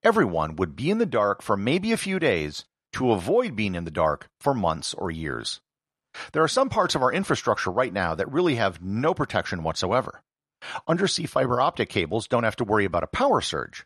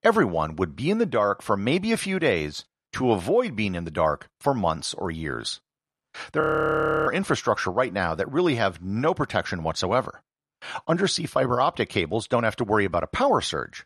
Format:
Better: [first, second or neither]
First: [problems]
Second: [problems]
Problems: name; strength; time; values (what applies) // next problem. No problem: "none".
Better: first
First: none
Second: audio freezing; at 6.5 s for 0.5 s